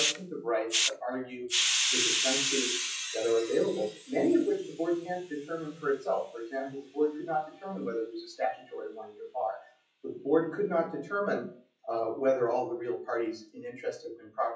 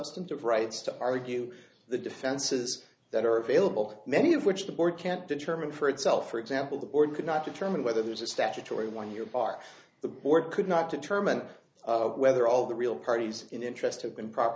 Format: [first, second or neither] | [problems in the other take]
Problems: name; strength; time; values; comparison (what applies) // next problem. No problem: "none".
second | noise reduction (classical method WPE with log-MMSE)